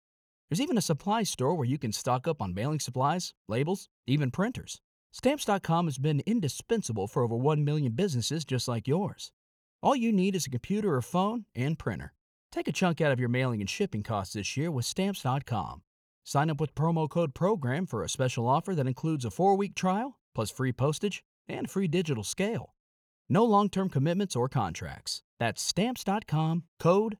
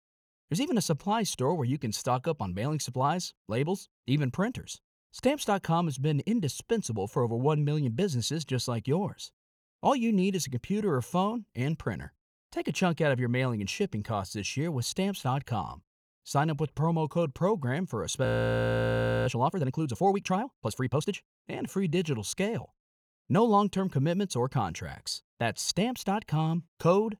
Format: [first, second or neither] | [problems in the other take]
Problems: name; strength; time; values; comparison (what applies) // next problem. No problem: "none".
first | audio freezing; at 18 s for 1 s